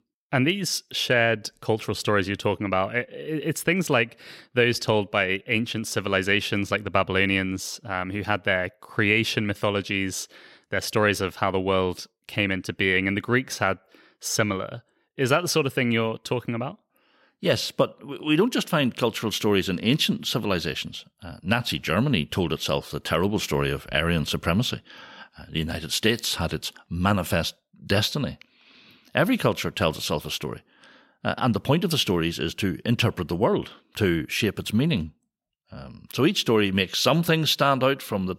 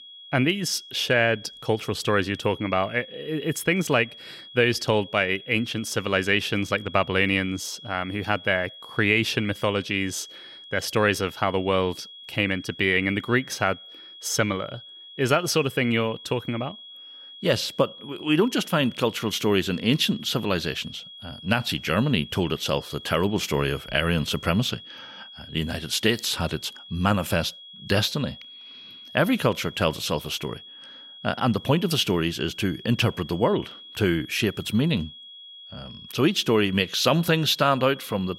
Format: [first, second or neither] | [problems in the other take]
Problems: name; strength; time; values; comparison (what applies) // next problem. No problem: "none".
first | high-pitched whine; noticeable; throughout; 3.5 kHz, 15 dB below the speech